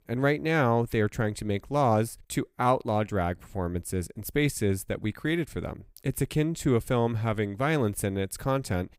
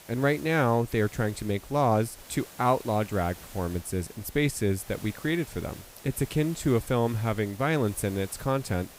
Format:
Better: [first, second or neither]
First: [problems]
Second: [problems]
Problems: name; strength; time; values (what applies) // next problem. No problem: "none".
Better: first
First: none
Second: hiss; noticeable; throughout; 20 dB below the speech